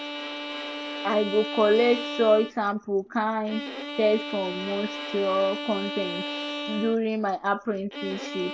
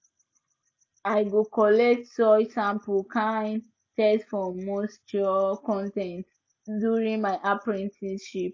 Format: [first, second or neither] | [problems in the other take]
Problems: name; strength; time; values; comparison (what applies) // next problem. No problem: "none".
second | background sound (Bowed string instrument); 8 dB below the speech